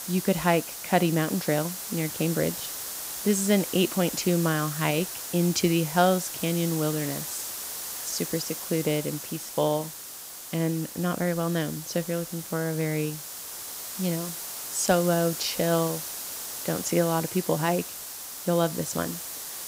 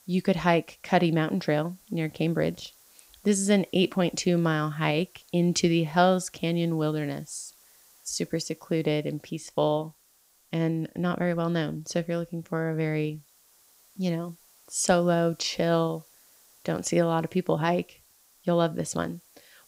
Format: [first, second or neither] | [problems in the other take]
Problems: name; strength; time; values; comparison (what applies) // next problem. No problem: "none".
second | hiss; loud; throughout; 7 dB below the speech; faint in the second